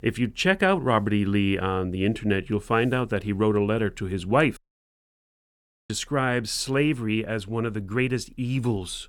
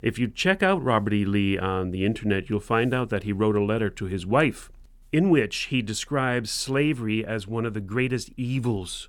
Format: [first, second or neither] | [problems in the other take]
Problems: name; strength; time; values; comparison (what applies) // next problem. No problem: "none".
second | audio cutting out; at 4.5 s for 1.5 s